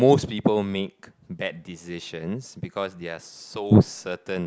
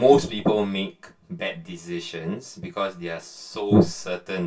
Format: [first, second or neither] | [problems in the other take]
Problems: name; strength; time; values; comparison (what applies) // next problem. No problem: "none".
first | room echo; dies away in 0.2 s